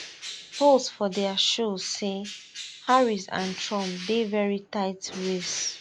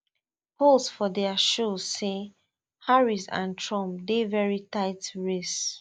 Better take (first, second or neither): second